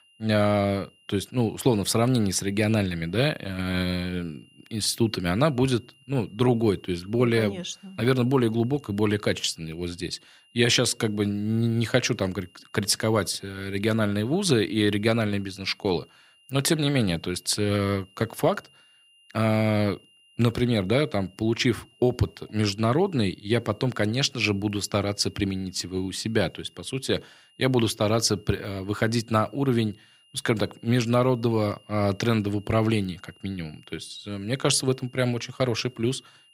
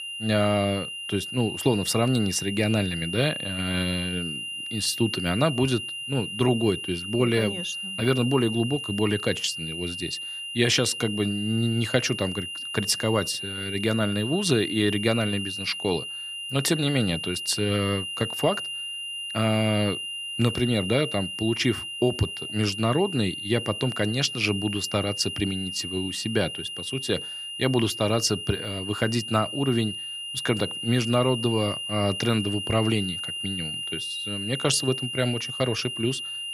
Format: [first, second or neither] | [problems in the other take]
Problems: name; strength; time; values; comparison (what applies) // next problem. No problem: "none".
first | high-pitched whine; loud; throughout; 3 kHz, 5 dB below the speech; faint in the first